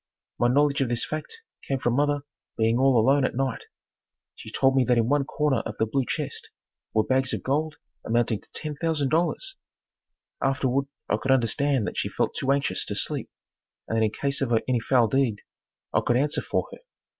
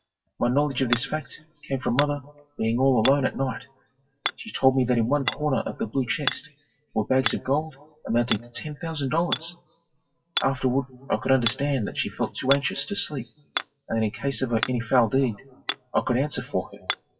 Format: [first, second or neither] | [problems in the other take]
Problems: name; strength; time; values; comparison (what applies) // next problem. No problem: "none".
first | noise reduction (classical method WPE with log-MMSE)